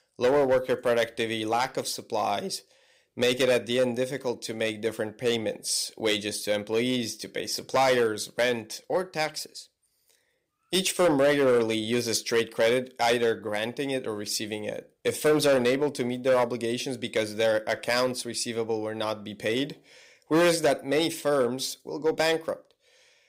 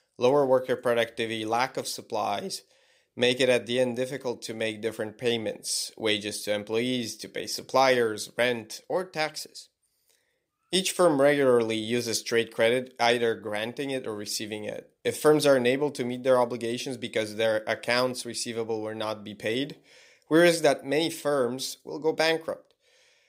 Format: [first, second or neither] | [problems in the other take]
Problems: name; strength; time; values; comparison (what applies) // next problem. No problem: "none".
second | distortion; slight; 4% of the sound clipped